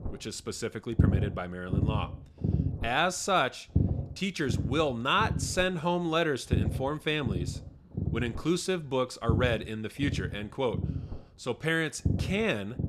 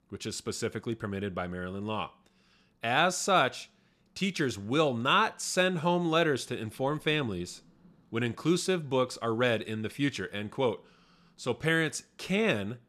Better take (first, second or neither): second